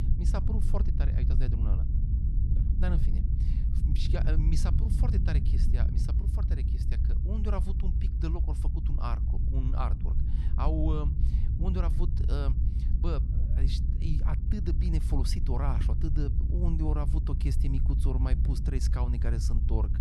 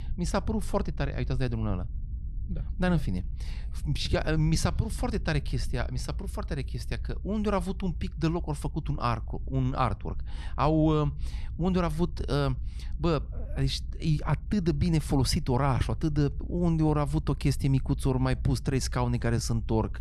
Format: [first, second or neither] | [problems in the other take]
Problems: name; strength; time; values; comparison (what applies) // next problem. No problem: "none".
second | low rumble; loud; throughout; 5 dB below the speech; faint in the second